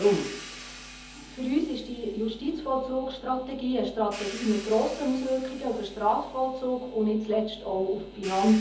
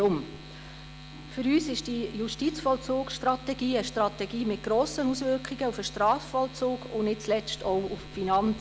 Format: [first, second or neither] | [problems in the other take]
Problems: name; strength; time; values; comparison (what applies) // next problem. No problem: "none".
second | background sound (Hi-hat); 18 dB below the speech // room echo; dies away in 0.6 s